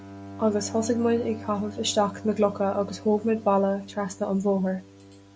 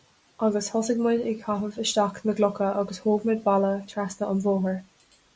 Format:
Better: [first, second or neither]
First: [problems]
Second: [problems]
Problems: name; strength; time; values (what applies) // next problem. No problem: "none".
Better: second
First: background sound (Bowed string instrument); 16 dB below the speech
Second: none